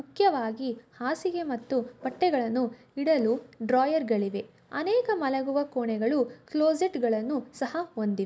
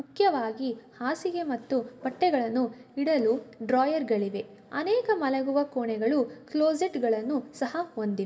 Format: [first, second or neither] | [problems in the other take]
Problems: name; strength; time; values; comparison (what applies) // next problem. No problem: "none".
first | room echo; dies away in 1.9 s